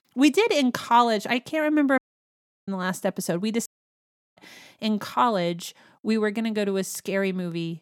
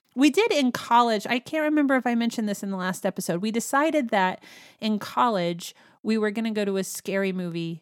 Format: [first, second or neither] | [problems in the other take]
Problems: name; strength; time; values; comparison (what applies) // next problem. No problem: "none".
second | audio cutting out; at 2 s for 0.5 s and at 3.5 s for 0.5 s